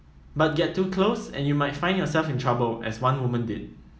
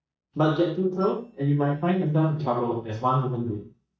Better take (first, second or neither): first